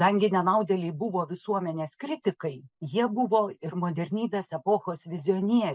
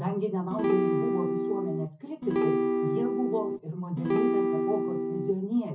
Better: first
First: none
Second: background sound (Acoustic guitar / Strum); 5 dB above the speech // room echo; dies away in 0.4 s

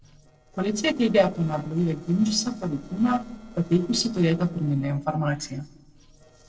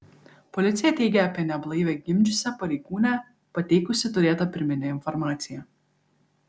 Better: second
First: noise reduction (neural separator model SepFormer DNS4)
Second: none

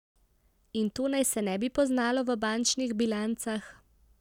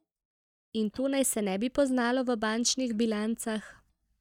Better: first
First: none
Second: noise reduction (neural mask model DeepFilterNet 3)

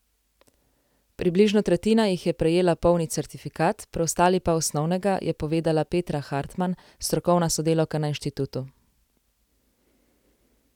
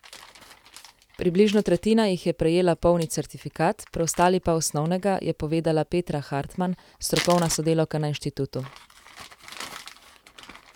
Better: first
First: none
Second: background sound (Crumpling, crinkling); 18 dB below the speech

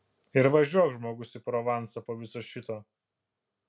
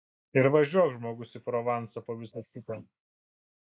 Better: first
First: none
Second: noise reduction (neural mask model Resemble Enhance denoiser)

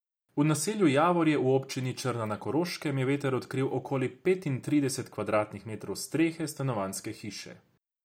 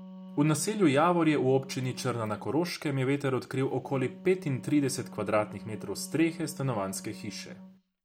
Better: first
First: none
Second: background sound (Wind instrument, woodwind instrument); 17 dB below the speech

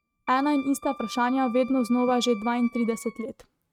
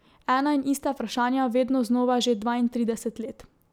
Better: second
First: noise reduction (neural mask model RNNoise)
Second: none

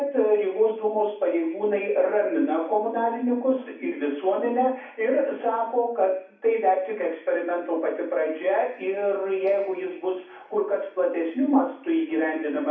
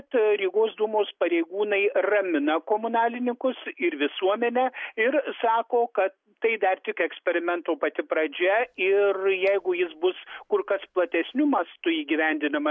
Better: second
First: room echo; dies away in 0.7 s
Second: none

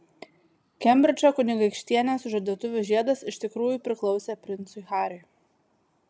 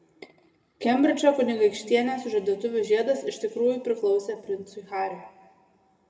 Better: first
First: none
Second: room echo; dies away in 1.1 s

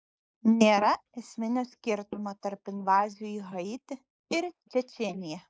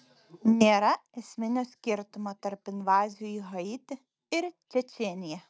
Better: second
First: noise reduction (neural mask model Resemble Enhance denoiser)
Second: none

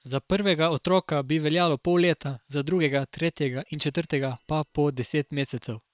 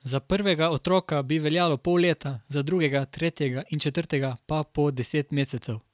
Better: second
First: noise reduction (neural separator model SepFormer WHAM!)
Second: none

